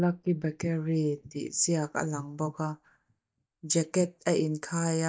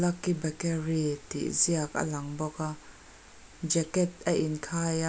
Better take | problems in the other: second | noise reduction (neural mask model DeepFilterNet 3)

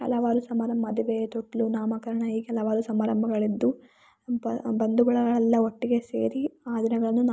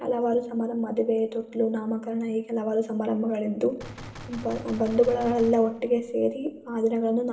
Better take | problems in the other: first | background sound (Gunshot, gunfire); 16 dB below the speech // room echo; dies away in 0.9 s

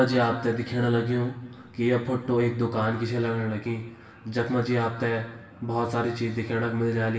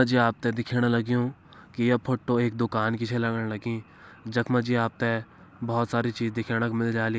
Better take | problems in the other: second | room echo; dies away in 1 s

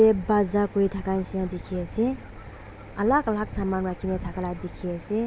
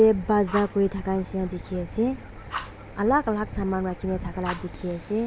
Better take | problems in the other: first | background sound (Fire); 16 dB below the speech

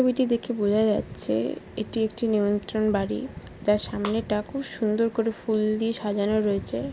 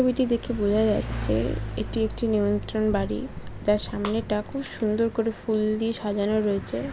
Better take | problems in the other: first | background sound (Mechanisms / Bicycle); 10 dB below the speech

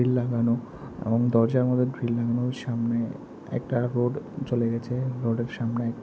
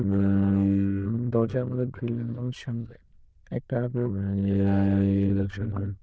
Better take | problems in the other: first | noise reduction (neural diffusion model UNIVERSE++)

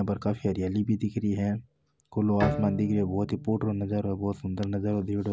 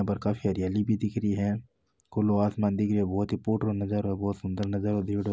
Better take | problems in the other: second | background sound (Bowed string instrument); 11 dB below the speech

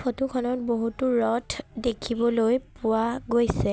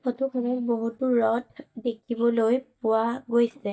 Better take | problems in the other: first | noise reduction (neural mask model DeepFilterNet 3)

